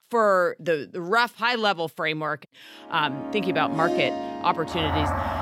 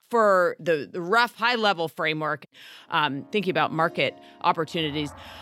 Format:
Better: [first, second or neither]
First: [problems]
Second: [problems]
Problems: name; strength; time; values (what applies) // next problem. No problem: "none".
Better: second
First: background music; loud; from 3 s on; 4 dB below the speech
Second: background music; faint; from 3 s on; 25 dB below the speech